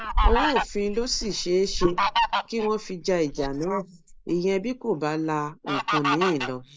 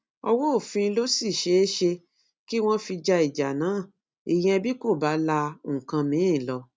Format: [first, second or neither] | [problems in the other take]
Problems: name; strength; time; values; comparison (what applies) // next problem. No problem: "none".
second | noise reduction (neural mask model Resemble Enhance denoiser)